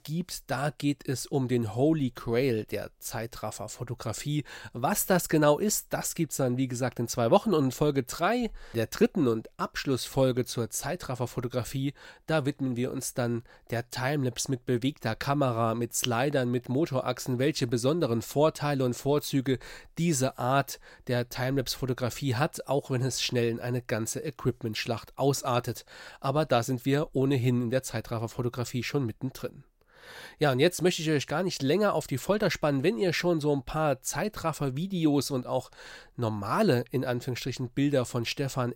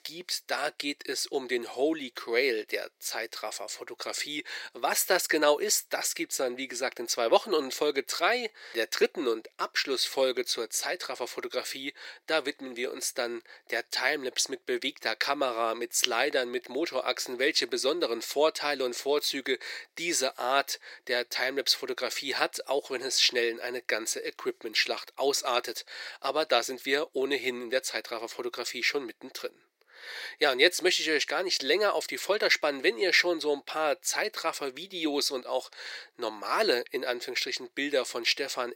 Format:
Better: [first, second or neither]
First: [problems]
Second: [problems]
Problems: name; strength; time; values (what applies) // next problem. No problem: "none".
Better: first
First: none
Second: thin; somewhat; fading below 350 Hz